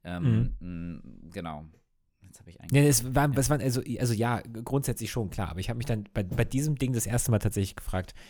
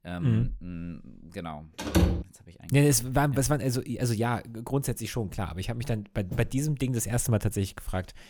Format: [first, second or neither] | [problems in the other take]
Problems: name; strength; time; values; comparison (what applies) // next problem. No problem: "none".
first | door banging; loud; at 2 s; peak 3 dB above the speech